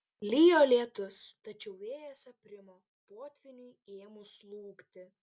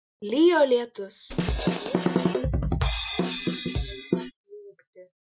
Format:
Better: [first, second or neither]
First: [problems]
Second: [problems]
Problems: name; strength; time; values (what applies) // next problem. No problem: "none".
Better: first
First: none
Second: noise reduction (classical method Wiener filter)